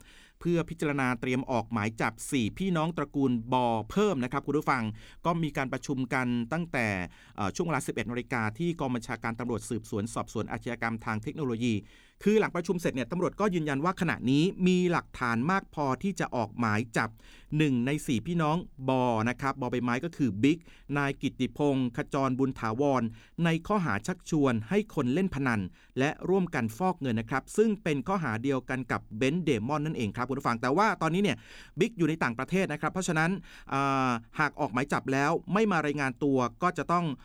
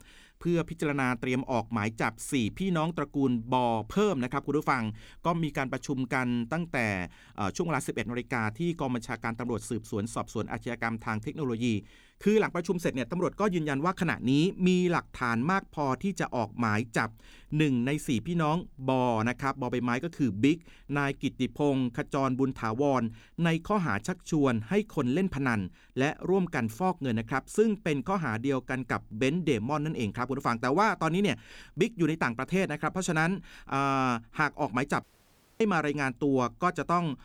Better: first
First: none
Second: audio cutting out; at 35 s for 0.5 s

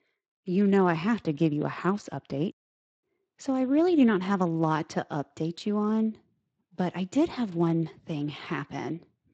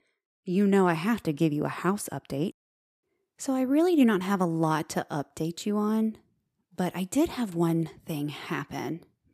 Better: second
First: garbled, watery; slightly; nothing above 7.5 kHz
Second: none

